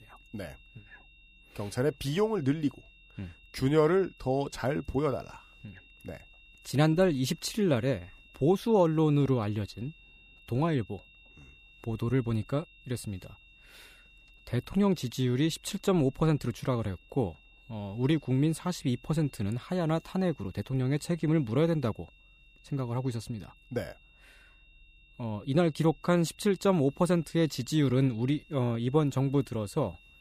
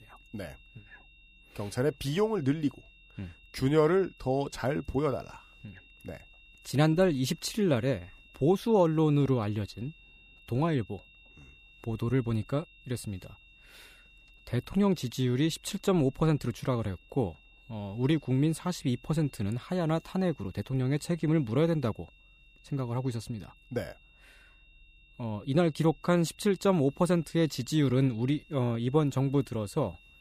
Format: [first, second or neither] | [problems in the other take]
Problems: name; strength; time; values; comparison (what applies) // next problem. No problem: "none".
neither | high-pitched whine; faint; throughout; 2.5 kHz, 30 dB below the speech; the same in both